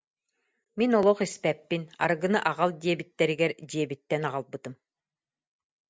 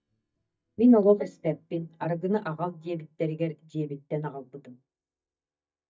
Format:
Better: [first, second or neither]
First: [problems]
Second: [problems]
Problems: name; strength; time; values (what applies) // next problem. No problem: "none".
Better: first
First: none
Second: noise reduction (neural mask model DeepFilterNet 3)